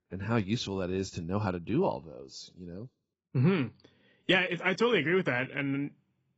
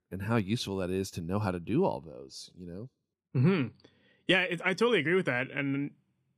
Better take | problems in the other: second | garbled, watery; badly; nothing above 7.5 kHz

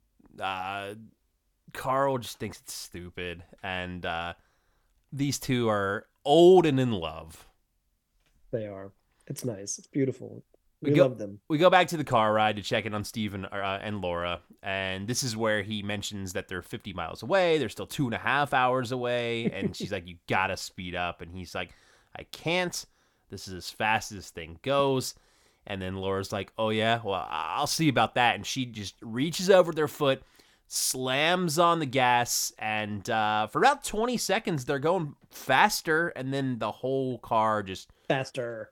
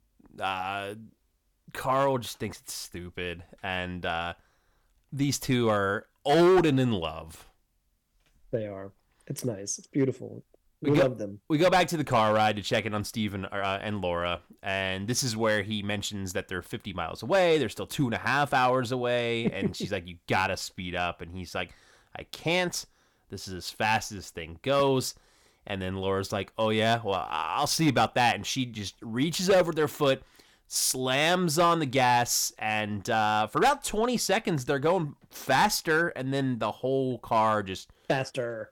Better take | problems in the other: first | distortion; slight; 2% of the sound clipped

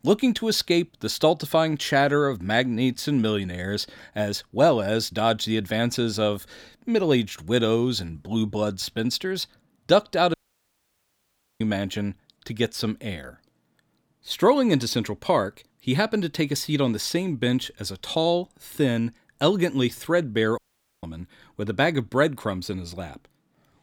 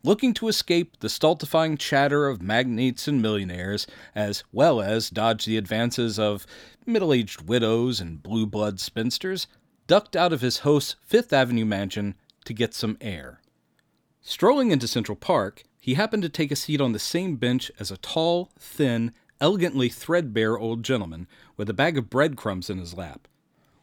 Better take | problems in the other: second | audio cutting out; at 10 s for 1.5 s and at 21 s

